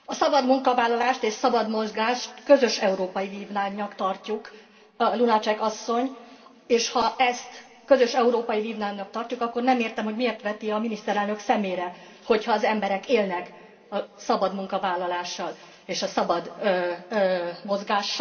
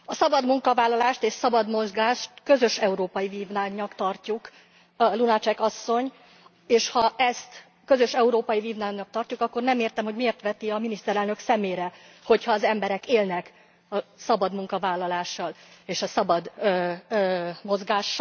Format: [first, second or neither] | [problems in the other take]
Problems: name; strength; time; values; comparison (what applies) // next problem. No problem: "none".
second | room echo; dies away in 2.6 s